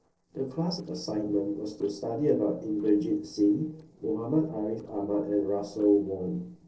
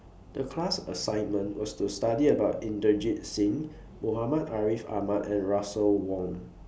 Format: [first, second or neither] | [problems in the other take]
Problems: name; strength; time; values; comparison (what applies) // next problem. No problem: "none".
second | noise reduction (neural separator model SepFormer DNS4)